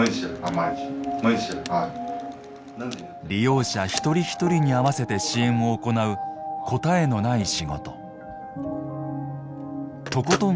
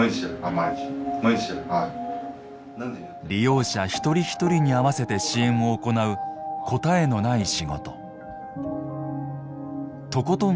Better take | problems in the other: second | background sound (Telephone); 16 dB below the speech

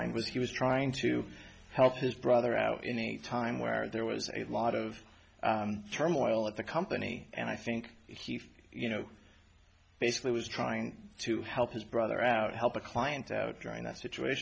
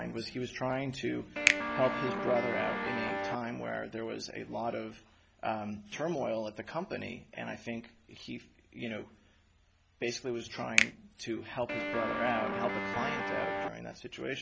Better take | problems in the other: first | background sound (Guitar + Finger snapping); 3 dB above the speech

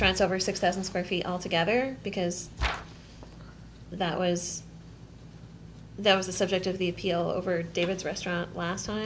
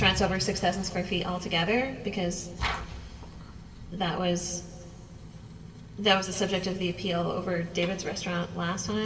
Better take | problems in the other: first | background sound (Motorcycle); 19 dB below the speech // room echo; dies away in 2.8 s

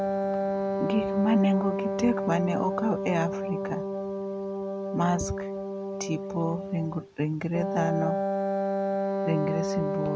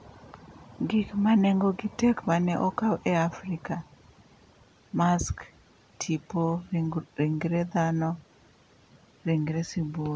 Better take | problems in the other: second | background sound (Wind instrument, woodwind instrument); as loud as the speech

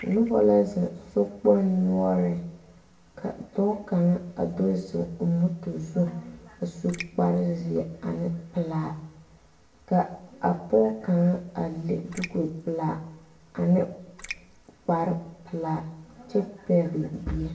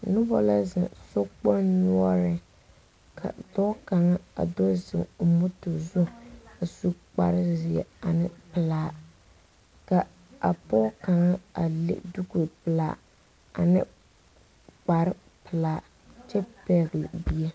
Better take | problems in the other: second | background sound (Raindrop); 15 dB below the speech // room echo; dies away in 0.6 s

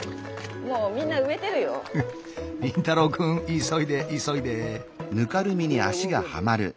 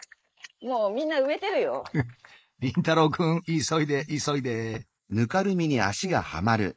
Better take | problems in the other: first | noise reduction (neural mask model Resemble Enhance denoiser)

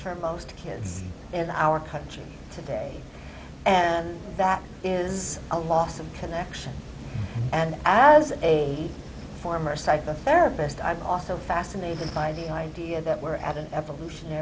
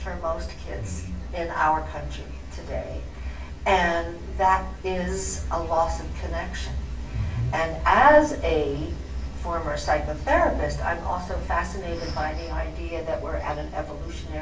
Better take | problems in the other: first | room echo; dies away in 0.3 s

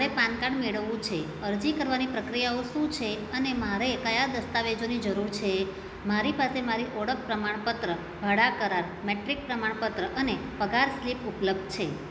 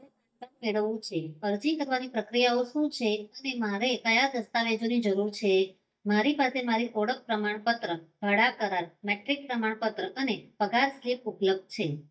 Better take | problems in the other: first | noise reduction (neural mask model DeepFilterNet 3)

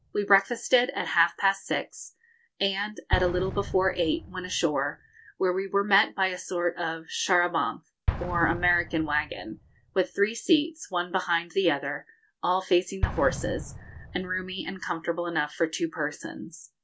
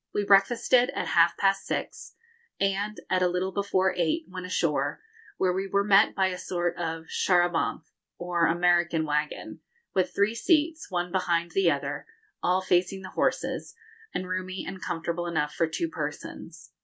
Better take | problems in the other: second | background sound (Explosion); 11 dB below the speech

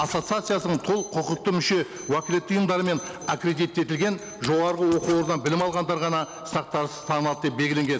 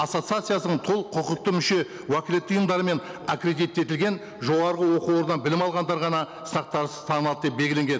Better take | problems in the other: second | background sound (Alarm + Zipper (clothing)); 19 dB below the speech

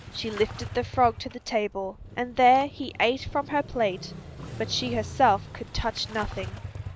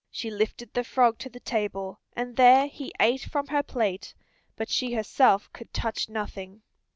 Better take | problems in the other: second | background sound (Engine starting / Motorcycle); 13 dB below the speech

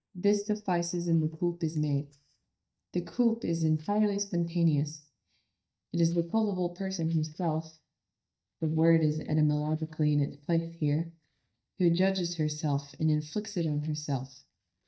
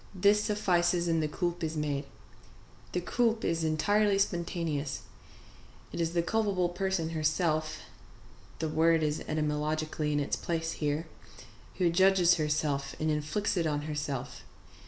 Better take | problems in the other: second | noise reduction (neural mask model DeepFilterNet 3)

